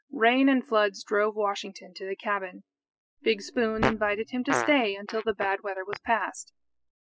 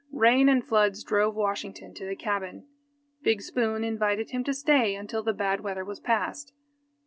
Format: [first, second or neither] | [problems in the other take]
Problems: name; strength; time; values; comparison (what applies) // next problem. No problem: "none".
second | noise reduction (classical method spectral subtraction)